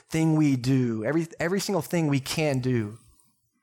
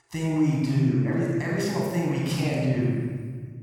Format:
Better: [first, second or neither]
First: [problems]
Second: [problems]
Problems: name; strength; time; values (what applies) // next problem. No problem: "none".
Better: first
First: none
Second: off-mic speech; far // room echo; strong; dies away in 1.9 s